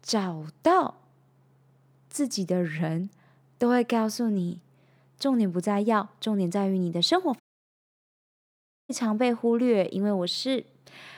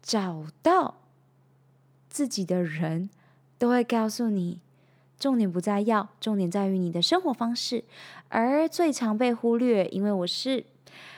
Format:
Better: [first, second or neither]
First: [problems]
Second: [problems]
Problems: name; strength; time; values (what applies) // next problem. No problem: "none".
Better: second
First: audio cutting out; at 7.5 s for 1.5 s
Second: none